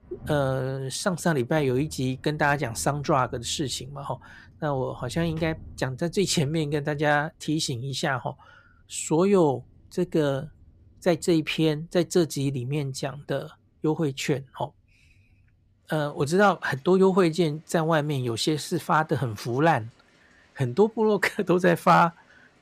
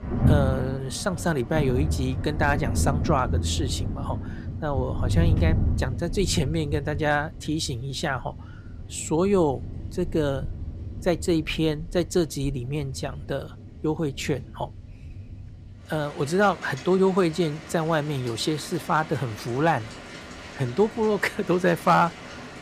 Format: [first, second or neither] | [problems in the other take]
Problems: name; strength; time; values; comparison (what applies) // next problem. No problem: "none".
first | rain or running water; loud; throughout; 6 dB below the speech; faint in the first